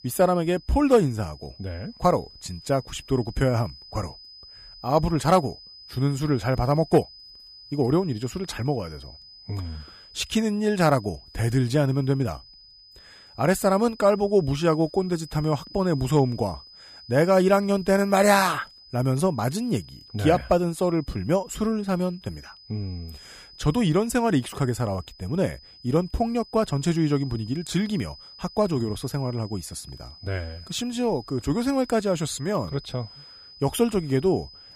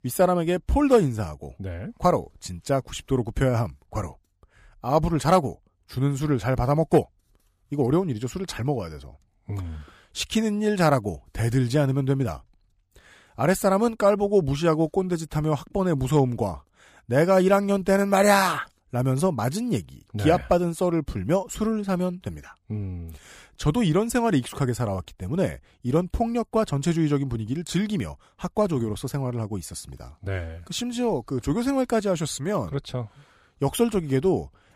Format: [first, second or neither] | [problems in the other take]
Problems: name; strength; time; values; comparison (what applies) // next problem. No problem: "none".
second | high-pitched whine; faint; throughout; 5 kHz, 20 dB below the speech